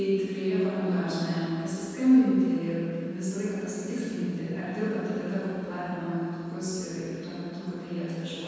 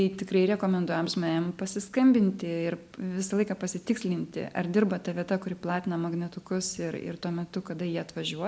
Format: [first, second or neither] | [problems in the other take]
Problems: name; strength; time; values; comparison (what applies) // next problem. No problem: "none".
second | room echo; dies away in 2.1 s